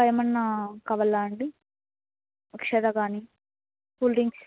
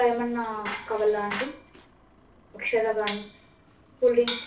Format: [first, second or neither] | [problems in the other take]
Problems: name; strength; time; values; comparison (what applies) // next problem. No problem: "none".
first | background sound (Bicycle); 12 dB below the speech // room echo; dies away in 0.3 s